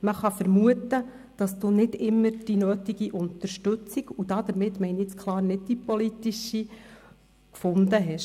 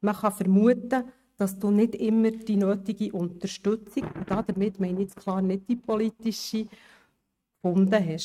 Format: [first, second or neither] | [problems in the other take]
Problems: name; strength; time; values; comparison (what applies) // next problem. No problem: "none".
first | noise reduction (neural mask model RNNoise)